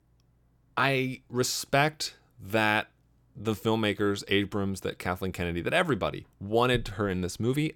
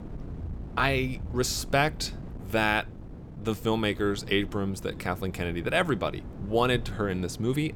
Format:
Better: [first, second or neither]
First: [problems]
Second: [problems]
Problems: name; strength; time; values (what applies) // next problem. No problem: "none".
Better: first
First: none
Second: wind noise on the microphone; occasional gusts; 20 dB below the speech